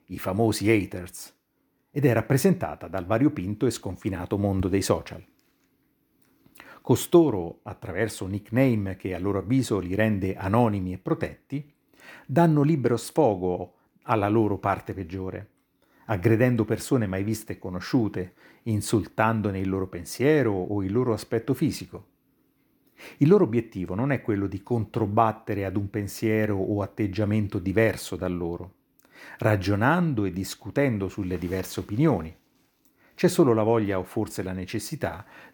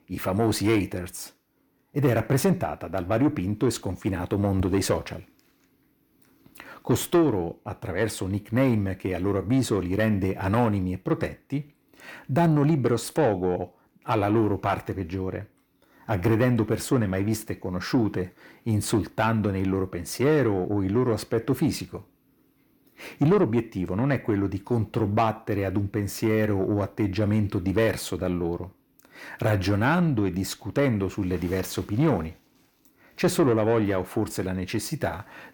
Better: first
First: none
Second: distortion; slight; 10 dB below the speech

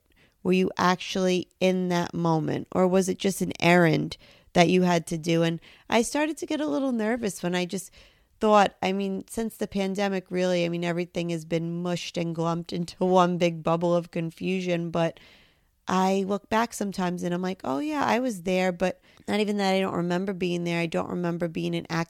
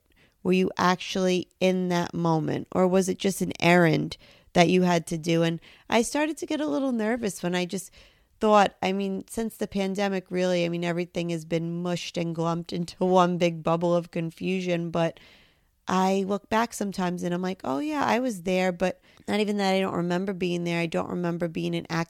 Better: neither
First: none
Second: none

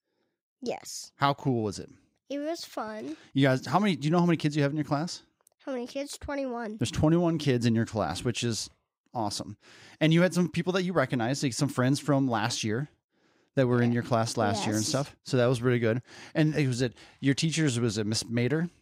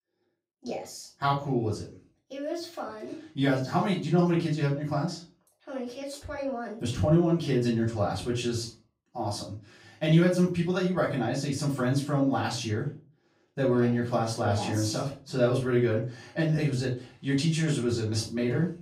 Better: first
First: none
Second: off-mic speech; far // room echo; slight; dies away in 0.3 s

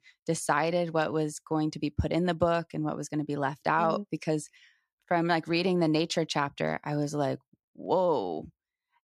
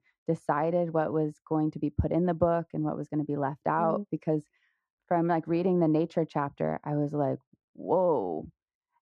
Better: first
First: none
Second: muffled; very; fading above 2 kHz

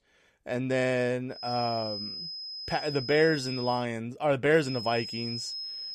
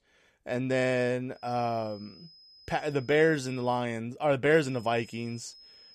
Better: second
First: high-pitched whine; loud; from 1.5 to 4 s and from 4.5 s on; 5 kHz, 7 dB below the speech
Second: high-pitched whine; faint; from 1.5 to 4 s and from 4.5 s on; 5 kHz, 25 dB below the speech

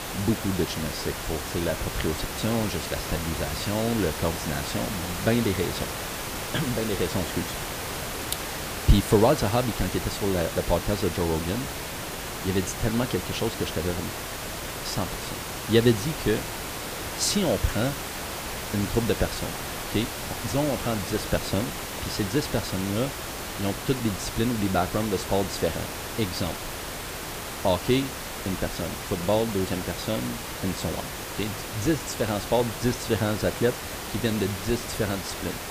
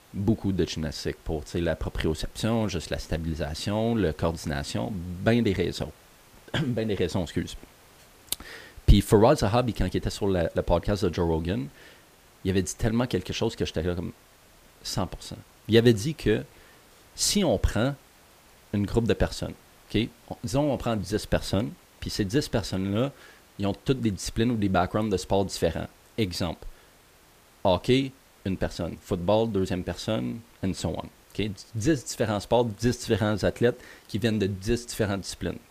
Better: second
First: hiss; loud; throughout; 5 dB below the speech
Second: hiss; faint; throughout; 25 dB below the speech

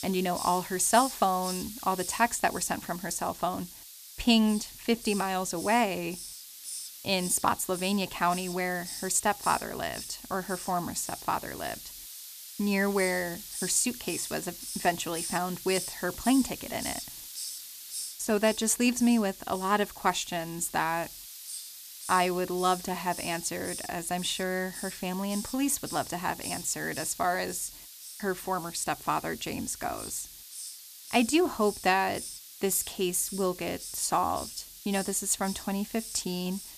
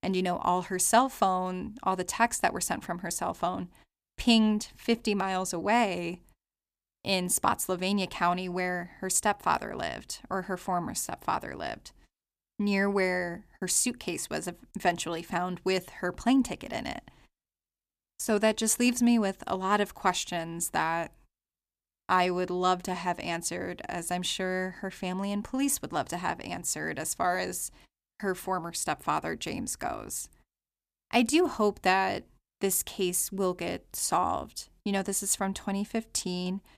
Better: second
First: hiss; loud; throughout; 10 dB below the speech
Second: none

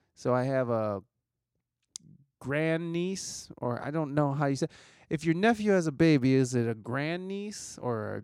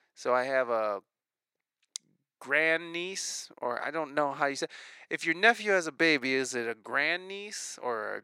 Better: first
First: none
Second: thin; very; fading below 500 Hz

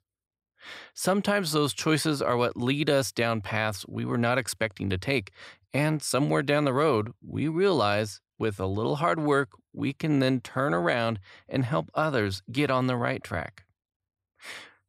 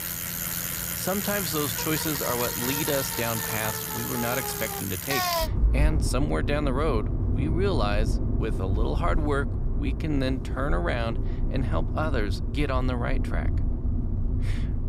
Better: first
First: none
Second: traffic noise; very loud; throughout; 2 dB above the speech

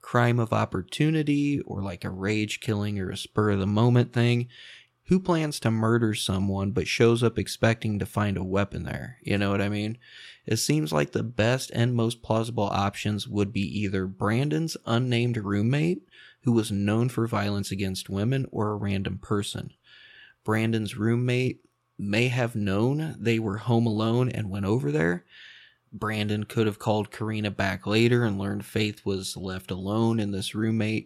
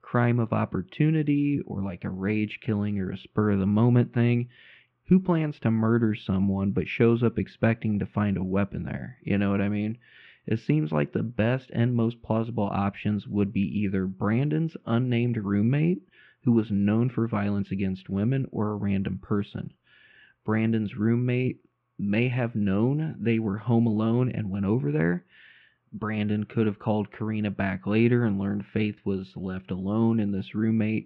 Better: first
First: none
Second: muffled; very; fading above 2.5 kHz

